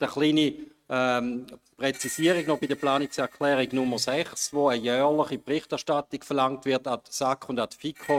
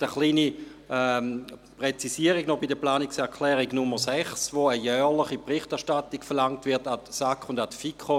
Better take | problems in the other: second | noise reduction (neural mask model RNNoise)

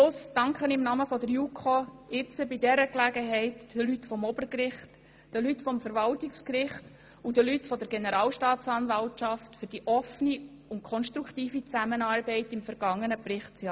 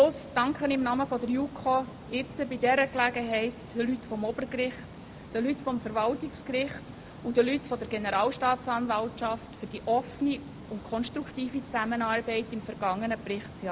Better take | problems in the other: first | background sound (Water); 15 dB below the speech

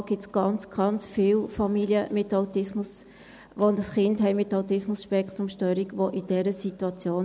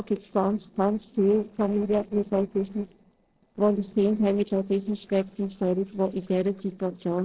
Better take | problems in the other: first | noise reduction (neural separator model SepFormer DNS4)

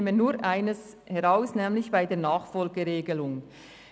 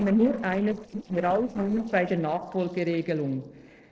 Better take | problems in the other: first | noise reduction (neural separator model SepFormer DNS4)

